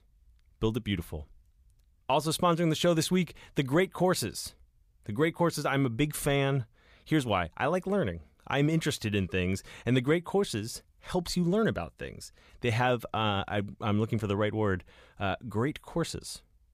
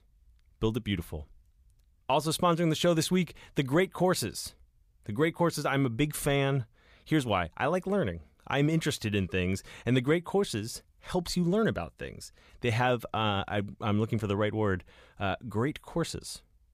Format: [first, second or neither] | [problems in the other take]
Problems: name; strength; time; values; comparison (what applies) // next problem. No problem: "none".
neither | none